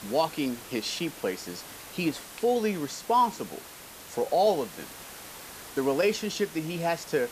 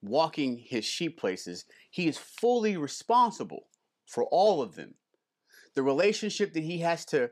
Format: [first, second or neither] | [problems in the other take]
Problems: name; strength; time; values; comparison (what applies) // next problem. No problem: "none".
second | hiss; noticeable; throughout; 15 dB below the speech